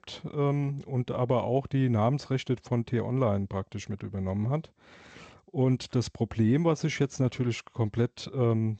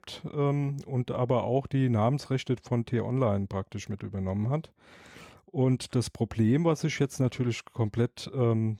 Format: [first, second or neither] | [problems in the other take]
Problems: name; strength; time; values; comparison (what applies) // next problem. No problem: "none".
second | garbled, watery; slightly; nothing above 7.5 kHz